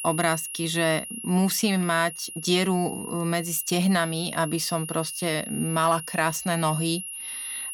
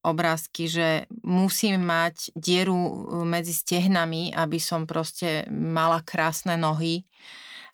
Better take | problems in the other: second | high-pitched whine; loud; throughout; 10.5 kHz, 9 dB below the speech

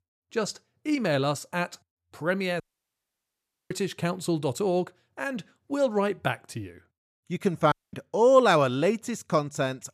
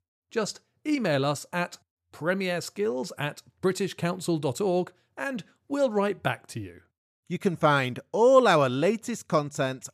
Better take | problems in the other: second | audio cutting out; at 2.5 s for 1 s and at 7.5 s

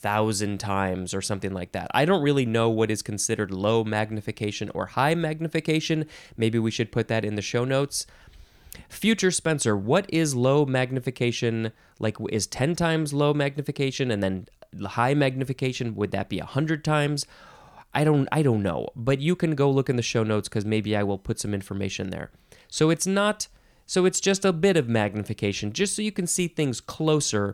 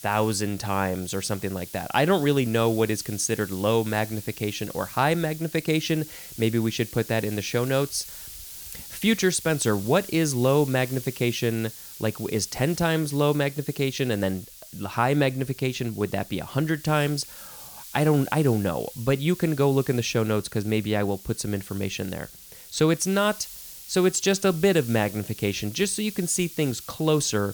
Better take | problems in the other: first | hiss; noticeable; throughout; 15 dB below the speech

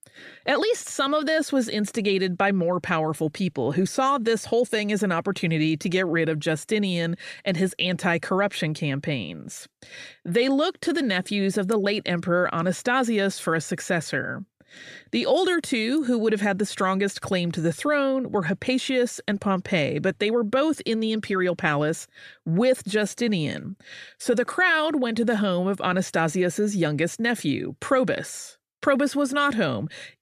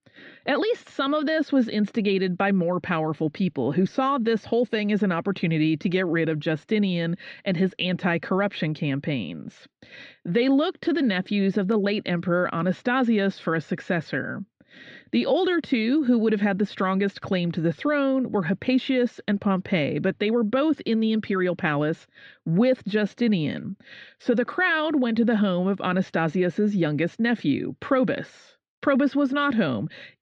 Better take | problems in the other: first | muffled; very slightly; fading above 4 kHz

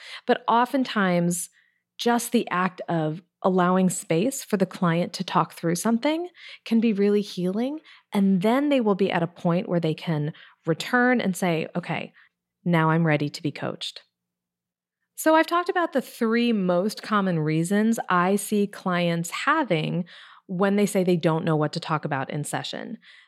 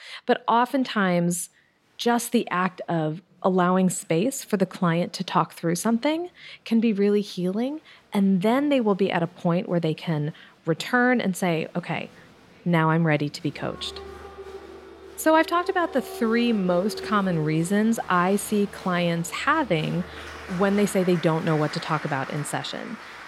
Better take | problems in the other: first | crowd noise; noticeable; throughout; 15 dB below the speech

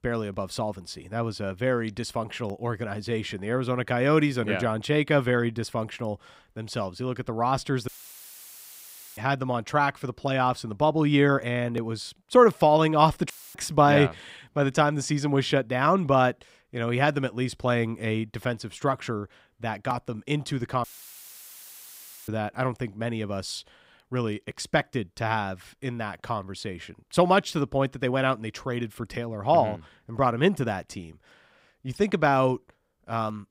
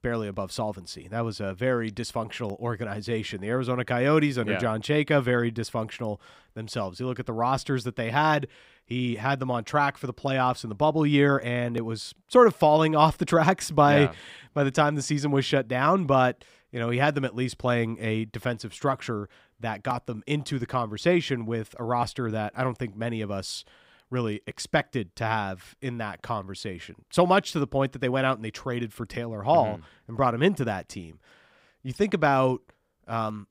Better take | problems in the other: second | audio cutting out; filled with static; at 8 s for 1.5 s, at 13 s and at 21 s for 1.5 s

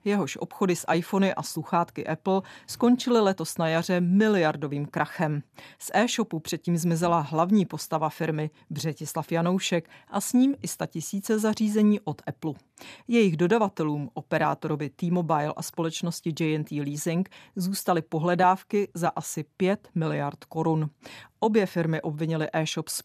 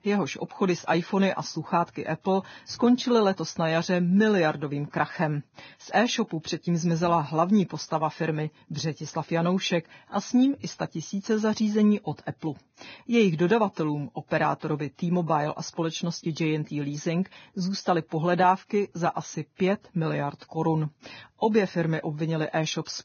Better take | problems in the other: first | garbled, watery; badly; nothing above 6.5 kHz

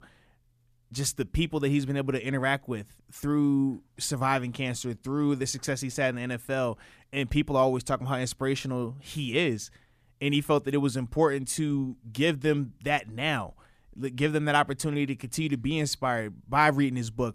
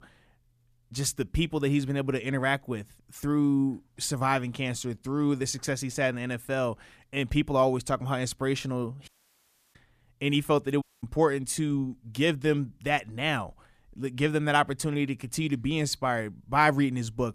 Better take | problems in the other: first | audio cutting out; at 9 s for 0.5 s and at 11 s

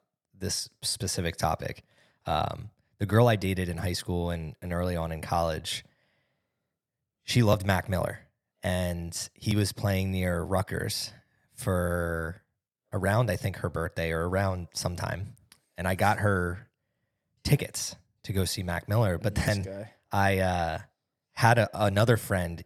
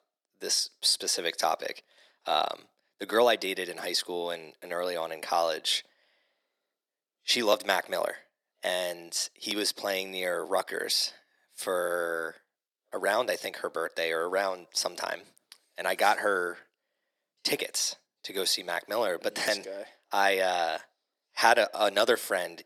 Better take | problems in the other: first | thin; very; fading below 300 Hz

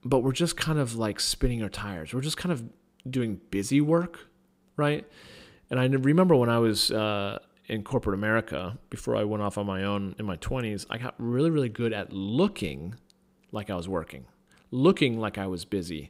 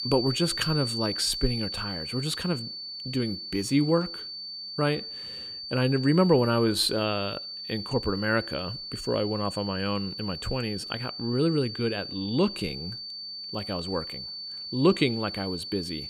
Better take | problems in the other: first | high-pitched whine; loud; throughout; 4.5 kHz, 6 dB below the speech

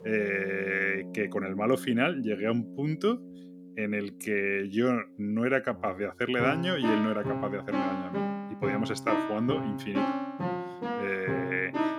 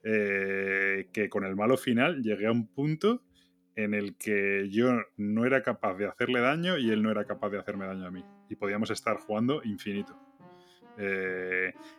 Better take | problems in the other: second | background music; loud; throughout; 5 dB below the speech; faint in the second

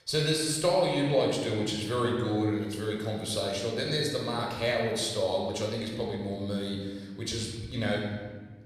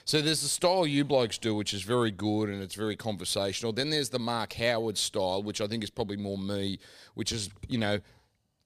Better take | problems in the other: second | off-mic speech; somewhat distant // room echo; noticeable; dies away in 1.3 s

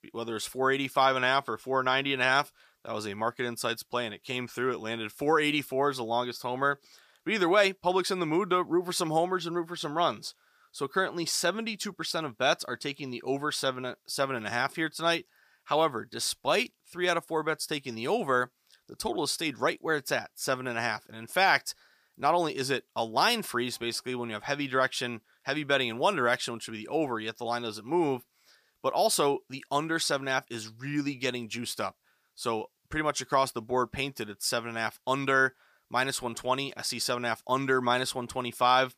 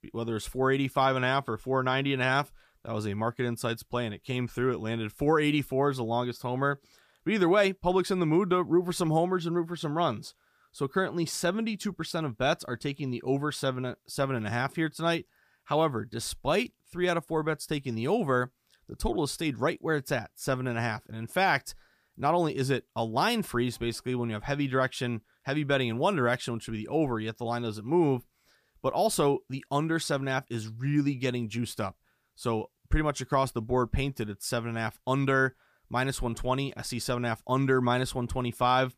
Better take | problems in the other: second | thin; very slightly; fading below 1 kHz

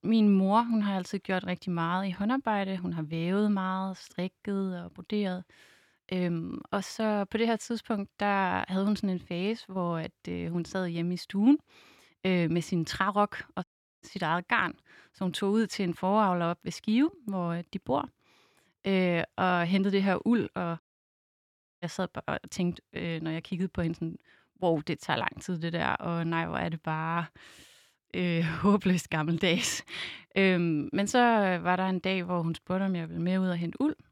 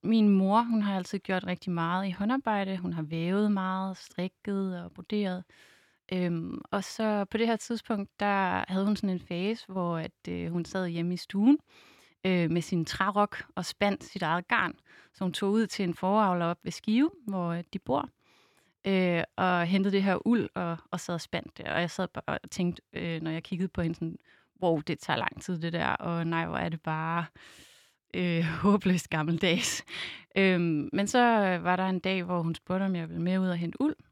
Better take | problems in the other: second | audio cutting out; at 14 s and at 21 s for 1 s

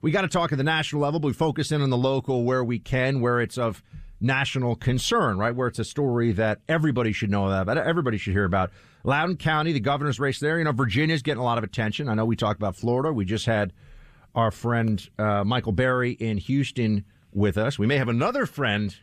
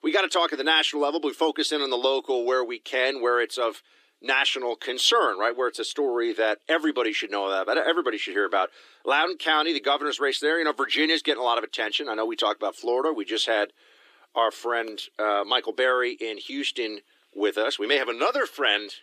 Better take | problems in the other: first | thin; very; fading below 300 Hz

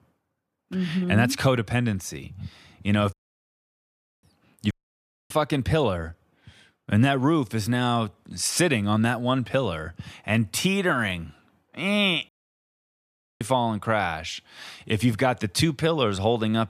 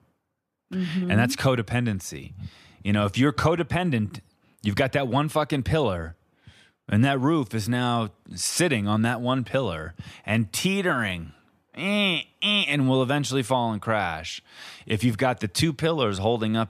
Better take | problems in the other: second | audio cutting out; at 3 s for 1 s, at 4.5 s for 0.5 s and at 12 s for 1 s

